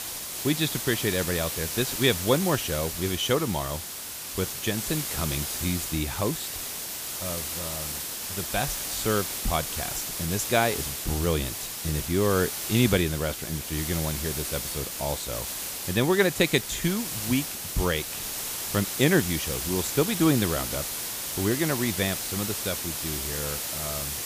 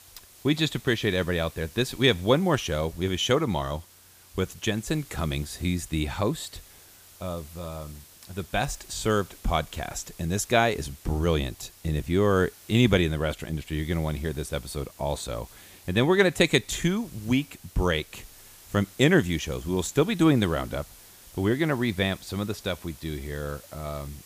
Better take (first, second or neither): second